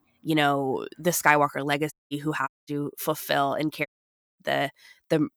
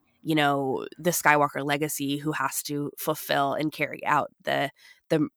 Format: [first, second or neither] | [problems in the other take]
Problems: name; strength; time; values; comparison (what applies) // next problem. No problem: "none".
second | audio cutting out; at 2 s, at 2.5 s and at 4 s for 0.5 s